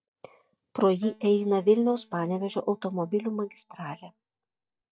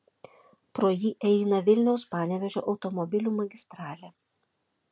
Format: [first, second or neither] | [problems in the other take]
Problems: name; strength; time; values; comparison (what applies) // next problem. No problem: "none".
second | noise reduction (neural mask model DeepFilterNet 3)